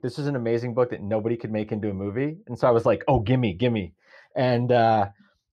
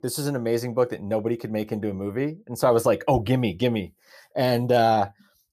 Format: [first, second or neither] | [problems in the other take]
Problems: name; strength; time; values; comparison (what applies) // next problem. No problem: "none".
second | muffled; very slightly; fading above 3 kHz